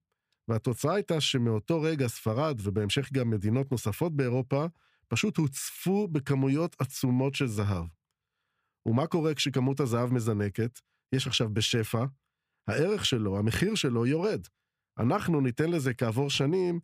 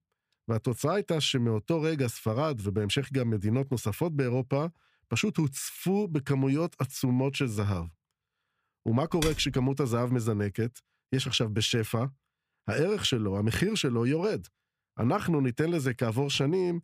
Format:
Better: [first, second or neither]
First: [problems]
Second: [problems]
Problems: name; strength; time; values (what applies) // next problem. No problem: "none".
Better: first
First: none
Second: keyboard typing; noticeable; at 9 s; peak 6 dB below the speech